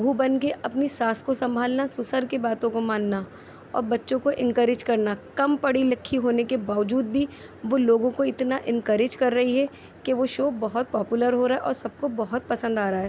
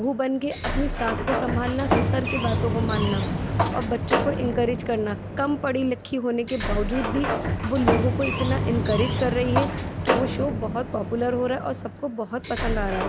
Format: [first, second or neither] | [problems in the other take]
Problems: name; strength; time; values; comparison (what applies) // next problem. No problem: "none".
first | background sound (Sliding door); as loud as the speech